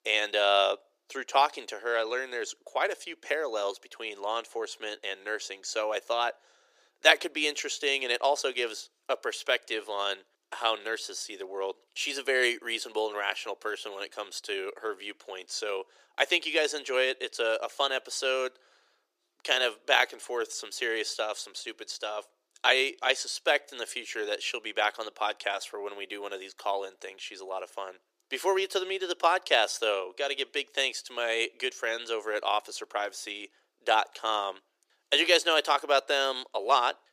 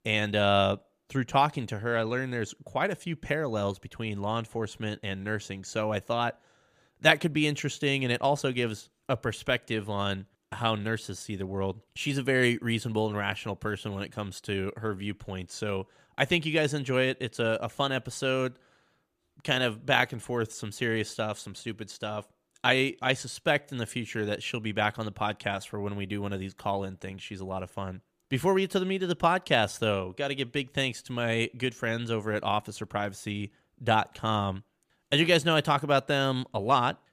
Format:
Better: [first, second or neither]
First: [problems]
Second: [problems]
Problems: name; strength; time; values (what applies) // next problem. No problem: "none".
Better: second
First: thin; very; fading below 350 Hz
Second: none